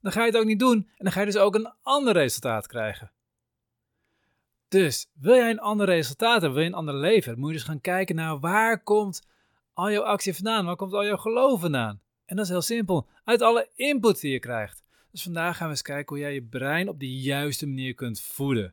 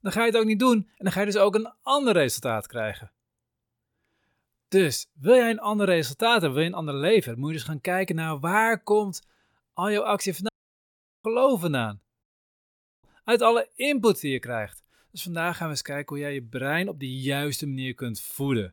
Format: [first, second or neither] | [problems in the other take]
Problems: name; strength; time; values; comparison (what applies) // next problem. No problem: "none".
first | audio cutting out; at 10 s for 1 s and at 12 s for 1 s